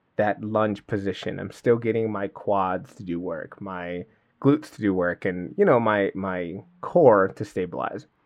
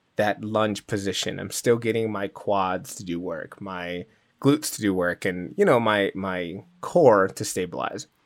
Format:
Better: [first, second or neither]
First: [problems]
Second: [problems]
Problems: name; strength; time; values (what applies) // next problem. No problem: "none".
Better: second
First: muffled; very; fading above 3.5 kHz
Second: none